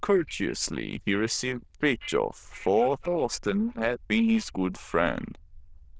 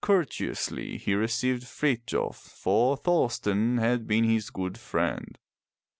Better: second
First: noise reduction (neural diffusion model UNIVERSE++)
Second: none

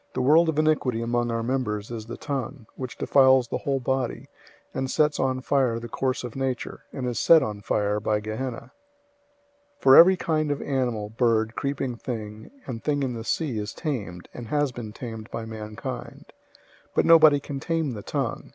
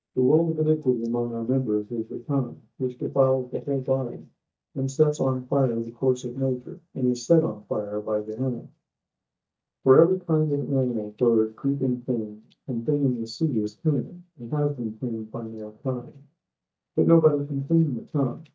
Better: first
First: none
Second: noise reduction (neural mask model DeepFilterNet 3)

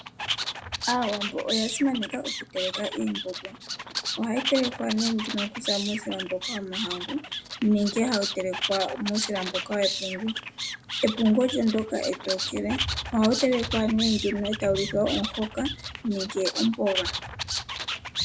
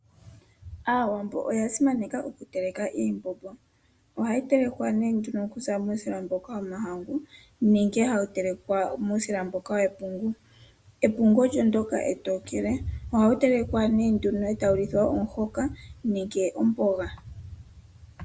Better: second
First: background sound (Animal); 6 dB below the speech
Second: none

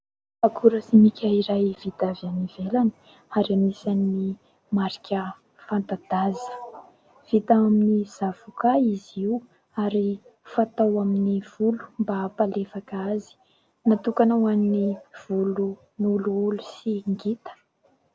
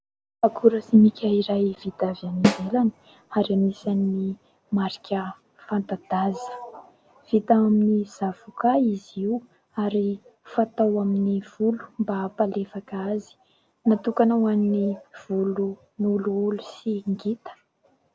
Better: first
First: none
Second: background sound (Snare drum); 2 dB below the speech

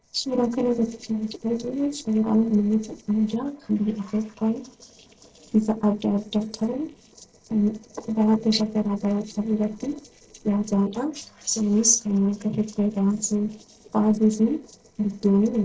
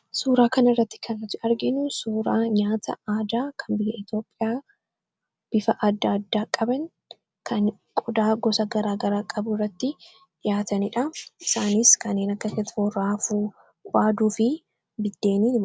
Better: second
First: noise reduction (neural separator model SepFormer DNS4)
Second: none

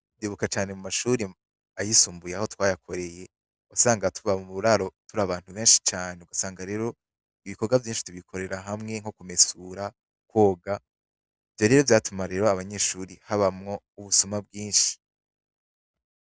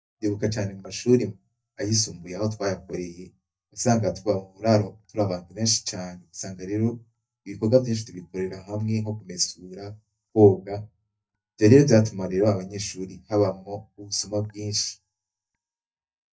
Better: first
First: none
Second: noise reduction (neural mask model DeepFilterNet 3)

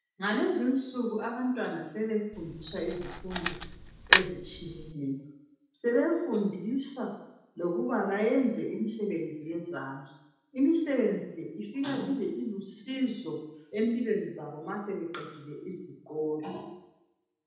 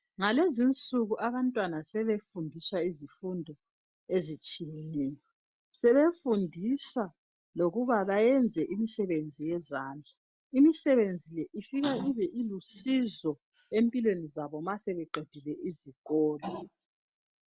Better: second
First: background sound (Camera); as loud as the speech // room echo; dies away in 0.9 s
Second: none

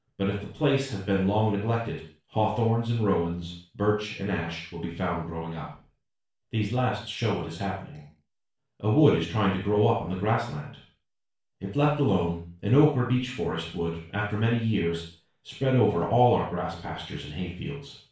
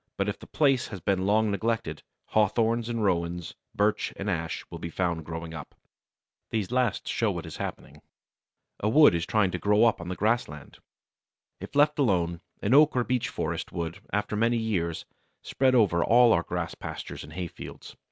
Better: second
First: room echo; dies away in 0.4 s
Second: none

